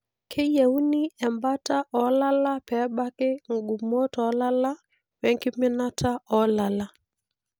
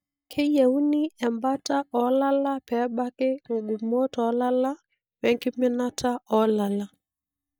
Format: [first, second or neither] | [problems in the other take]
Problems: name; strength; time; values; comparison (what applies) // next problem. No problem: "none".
first | noise reduction (neural mask model DeepFilterNet 3)